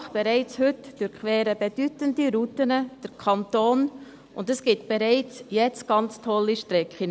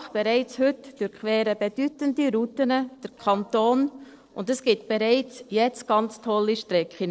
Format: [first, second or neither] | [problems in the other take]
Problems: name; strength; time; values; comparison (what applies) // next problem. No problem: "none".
first | noise reduction (neural separator model SepFormer DNS4)